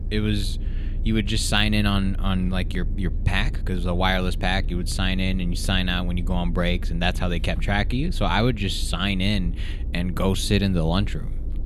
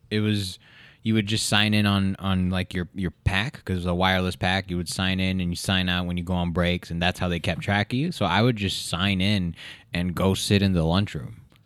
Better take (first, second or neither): second